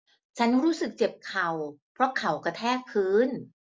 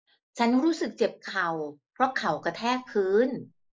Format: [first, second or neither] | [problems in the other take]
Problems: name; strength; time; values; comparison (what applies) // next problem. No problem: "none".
first | noise reduction (neural mask model Resemble Enhance denoiser)